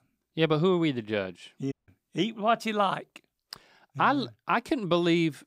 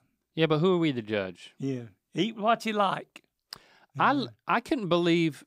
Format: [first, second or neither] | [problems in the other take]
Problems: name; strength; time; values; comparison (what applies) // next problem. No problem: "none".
second | audio cutting out; at 1.5 s